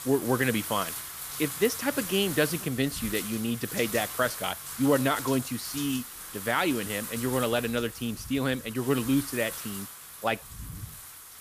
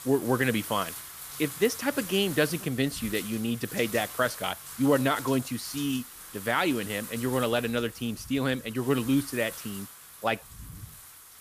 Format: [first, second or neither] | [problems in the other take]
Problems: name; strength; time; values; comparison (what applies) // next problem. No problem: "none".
second | wind noise on the microphone; heavy; 10 dB below the speech; occasional gusts in the second